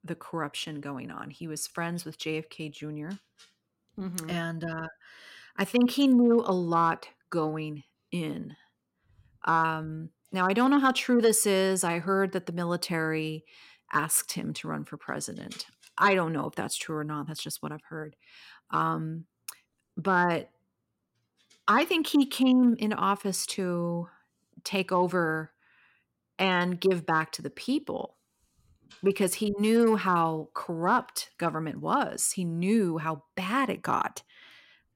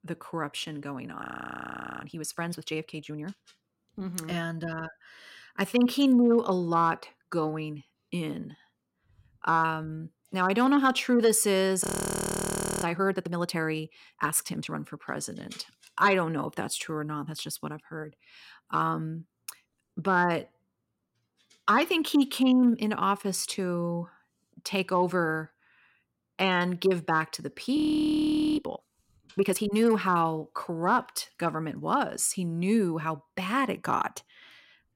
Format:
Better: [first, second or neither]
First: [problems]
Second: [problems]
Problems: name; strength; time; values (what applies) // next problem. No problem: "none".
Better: first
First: none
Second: audio freezing; at 1 s for 1 s, at 12 s for 1 s and at 28 s for 1 s